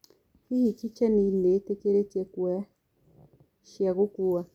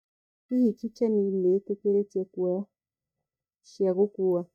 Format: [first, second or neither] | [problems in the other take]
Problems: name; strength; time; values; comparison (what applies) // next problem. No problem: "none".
first | noise reduction (neural mask model DeepFilterNet 3)